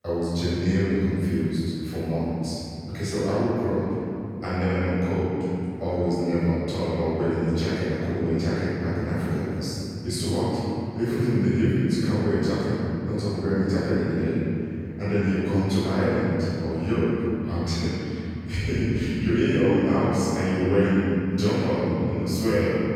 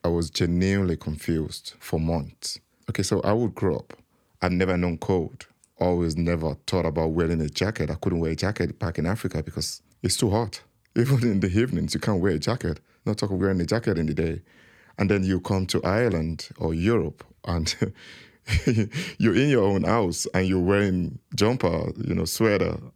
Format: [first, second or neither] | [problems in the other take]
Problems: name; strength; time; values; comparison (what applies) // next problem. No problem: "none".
second | room echo; strong; dies away in 3 s // off-mic speech; far